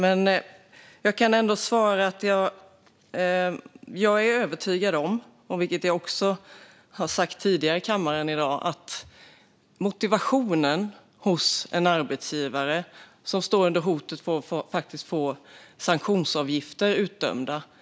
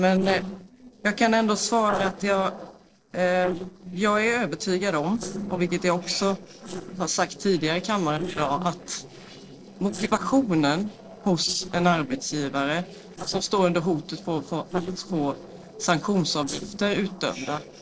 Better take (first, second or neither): first